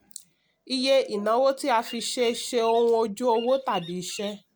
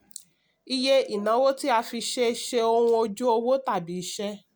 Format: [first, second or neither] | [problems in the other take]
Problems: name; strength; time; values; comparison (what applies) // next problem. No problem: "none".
second | background sound (Bird vocalization, bird call, bird song); 18 dB below the speech